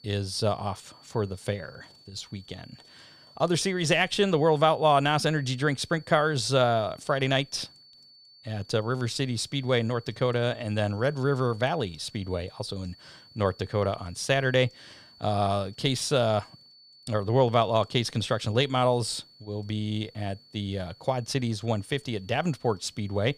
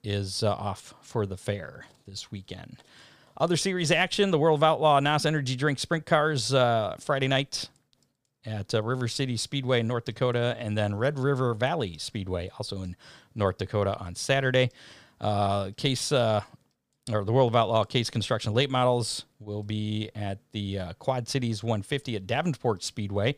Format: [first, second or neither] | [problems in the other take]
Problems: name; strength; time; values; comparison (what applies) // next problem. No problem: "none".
second | high-pitched whine; faint; throughout; 4.5 kHz, 25 dB below the speech